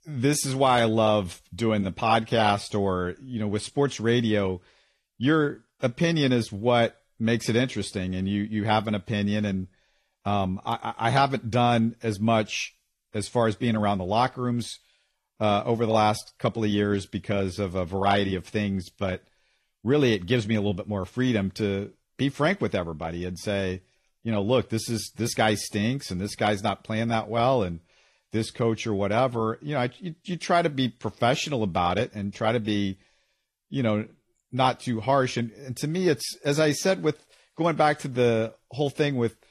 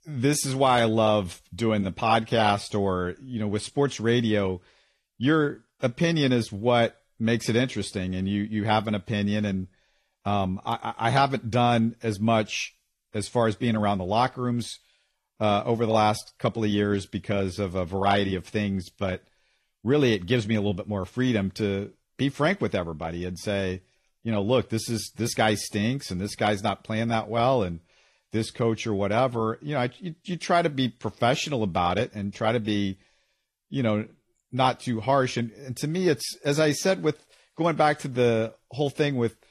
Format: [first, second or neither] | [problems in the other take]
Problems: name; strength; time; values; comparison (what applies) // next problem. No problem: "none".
neither | garbled, watery; slightly; nothing above 13.5 kHz; the same in both